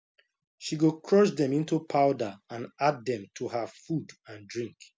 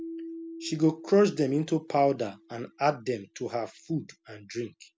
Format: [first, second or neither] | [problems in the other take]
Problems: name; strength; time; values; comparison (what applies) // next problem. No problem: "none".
first | background sound (Keyboard (musical)); 17 dB below the speech